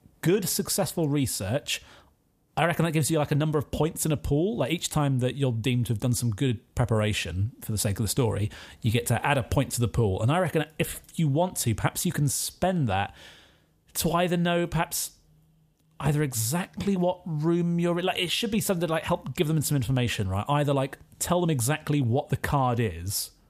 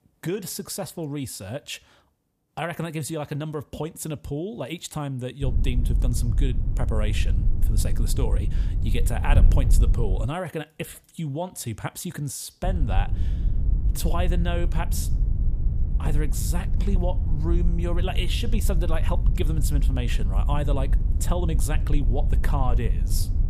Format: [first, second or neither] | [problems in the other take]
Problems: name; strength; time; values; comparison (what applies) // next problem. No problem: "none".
first | wind noise on the microphone; heavy; from 5.5 to 10 s and from 13 s on; 10 dB below the speech